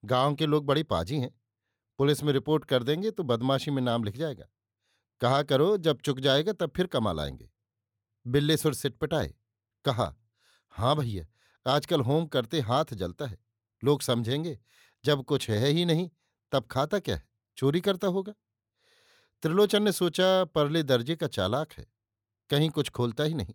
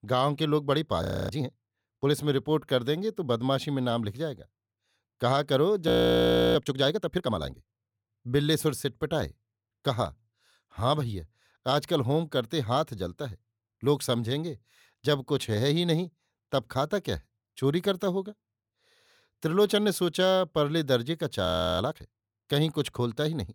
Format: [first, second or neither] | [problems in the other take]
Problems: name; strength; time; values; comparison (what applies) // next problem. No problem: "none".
first | audio freezing; at 1 s, at 6 s for 0.5 s and at 21 s